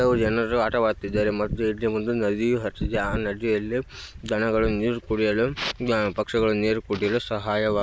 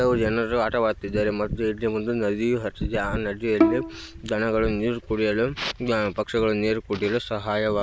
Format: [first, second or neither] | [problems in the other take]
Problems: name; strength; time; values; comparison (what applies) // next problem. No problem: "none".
first | background sound (Bowed string instrument); 3 dB below the speech